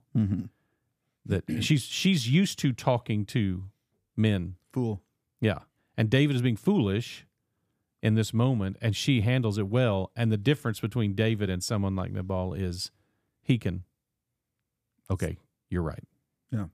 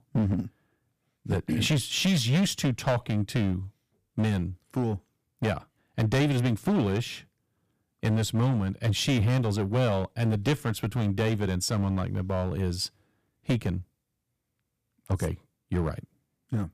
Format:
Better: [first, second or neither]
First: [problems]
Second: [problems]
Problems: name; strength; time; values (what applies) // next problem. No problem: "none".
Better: first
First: none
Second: distortion; heavy; 9% of the sound clipped